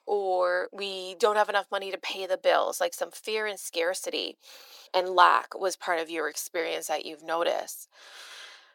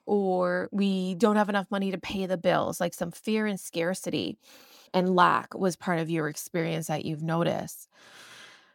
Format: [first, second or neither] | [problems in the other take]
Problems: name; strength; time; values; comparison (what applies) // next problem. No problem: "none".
second | thin; very; fading below 400 Hz